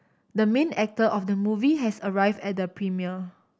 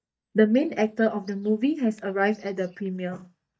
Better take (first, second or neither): first